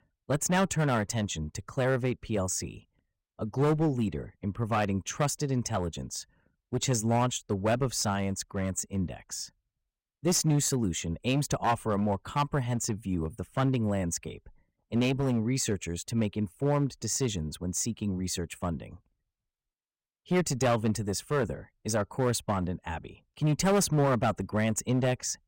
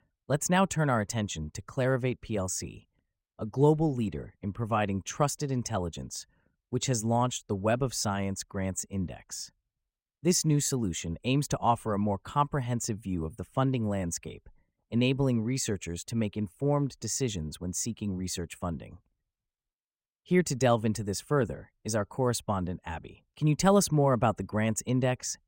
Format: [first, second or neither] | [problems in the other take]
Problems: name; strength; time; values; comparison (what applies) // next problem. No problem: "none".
second | distortion; slight; 5% of the sound clipped